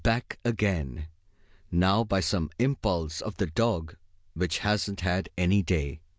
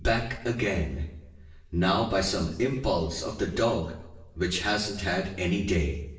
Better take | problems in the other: first | room echo; dies away in 0.8 s

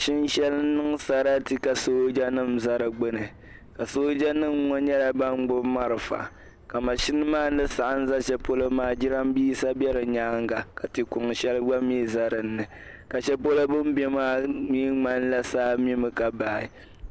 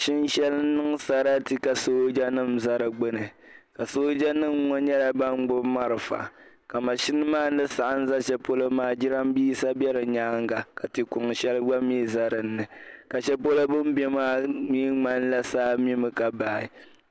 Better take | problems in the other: second | background sound (Bird vocalization, bird call, bird song); 19 dB below the speech

